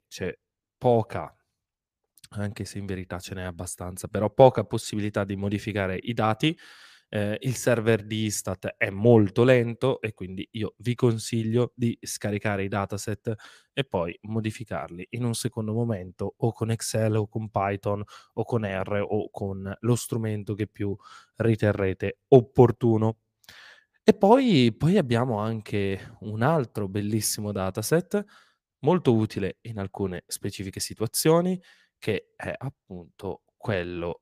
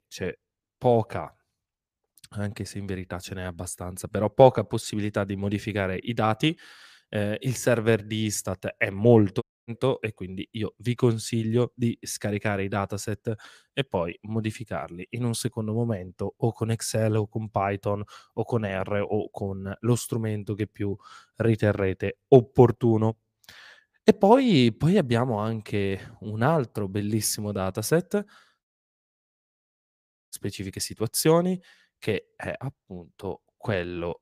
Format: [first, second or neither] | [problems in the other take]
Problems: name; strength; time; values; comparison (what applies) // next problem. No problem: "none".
first | audio cutting out; at 9.5 s and at 29 s for 1.5 s